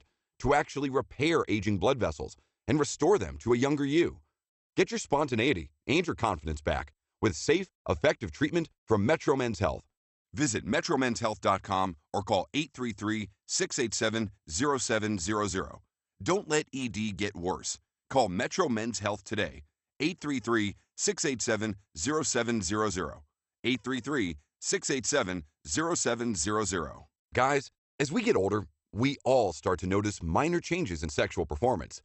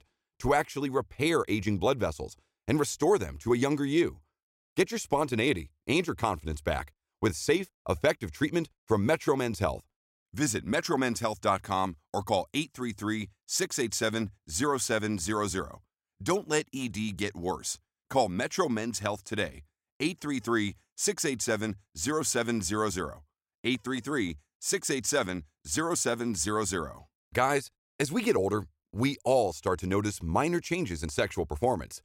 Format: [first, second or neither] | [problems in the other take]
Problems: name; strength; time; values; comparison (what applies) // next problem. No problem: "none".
second | garbled, watery; slightly; nothing above 8 kHz